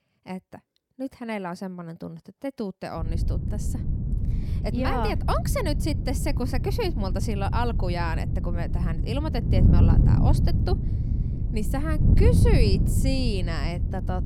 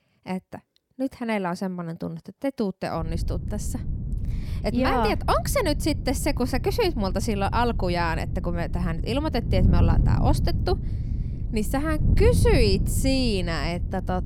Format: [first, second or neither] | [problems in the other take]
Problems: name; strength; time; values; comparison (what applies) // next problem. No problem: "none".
second | wind noise on the microphone; heavy; from 3 s on; 6 dB below the speech; occasional gusts in the second